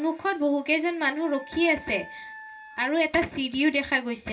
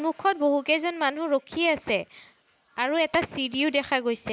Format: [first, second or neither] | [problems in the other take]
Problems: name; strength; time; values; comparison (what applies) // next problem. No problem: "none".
second | background sound (Wind instrument, woodwind instrument); 18 dB below the speech // room echo; dies away in 0.2 s